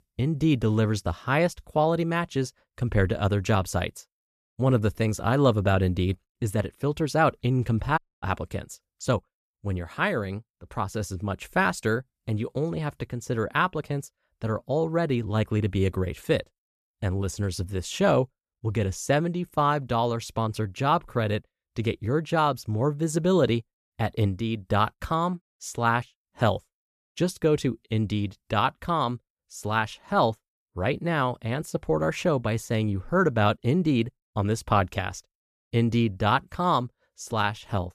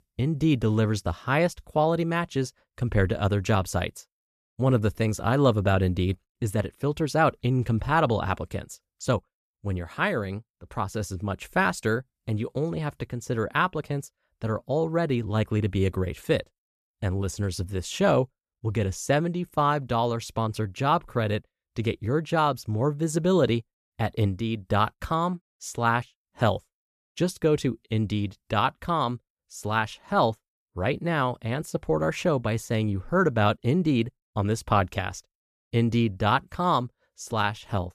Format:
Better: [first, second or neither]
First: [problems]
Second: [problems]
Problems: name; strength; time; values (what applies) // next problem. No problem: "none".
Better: second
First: audio cutting out; at 8 s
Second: none